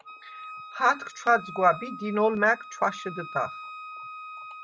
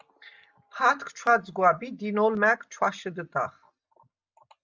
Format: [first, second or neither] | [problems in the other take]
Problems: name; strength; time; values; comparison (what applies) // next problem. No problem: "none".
second | background sound (Wind instrument, woodwind instrument); 14 dB below the speech